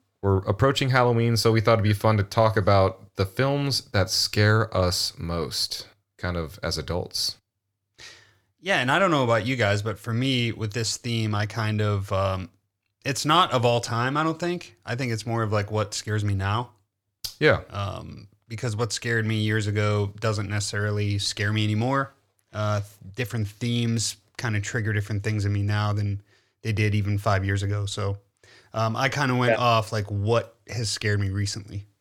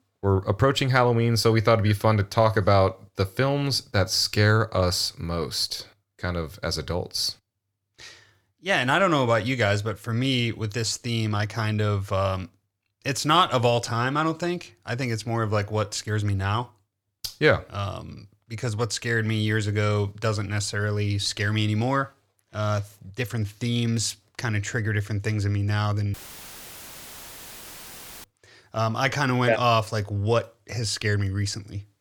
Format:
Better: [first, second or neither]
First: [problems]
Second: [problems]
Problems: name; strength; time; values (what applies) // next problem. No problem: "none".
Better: first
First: none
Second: audio cutting out; filled with static; at 26 s for 2 s